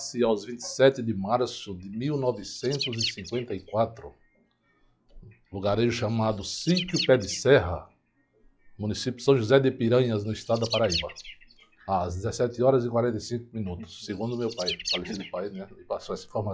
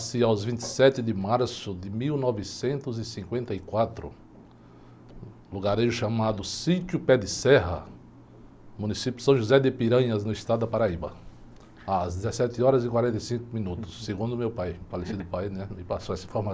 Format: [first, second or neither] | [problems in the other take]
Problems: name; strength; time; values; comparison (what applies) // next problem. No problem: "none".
second | noise reduction (classical method log-MMSE)